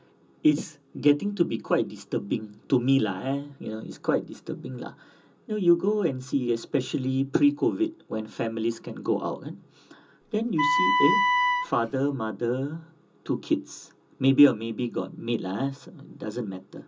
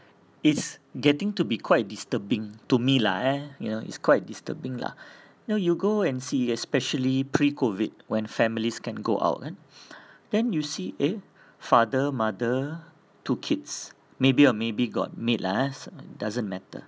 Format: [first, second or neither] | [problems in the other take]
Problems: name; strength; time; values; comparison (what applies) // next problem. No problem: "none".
second | background sound (Wind instrument, woodwind instrument); 2 dB above the speech // room echo; dies away in 0.2 s